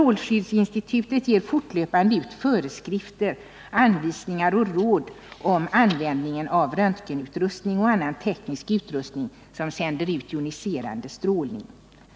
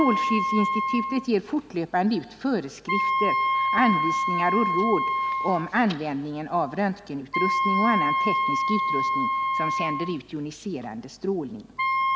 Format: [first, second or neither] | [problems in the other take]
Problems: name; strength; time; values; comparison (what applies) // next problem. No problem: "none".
first | background sound (Wind instrument, woodwind instrument); 1 dB above the speech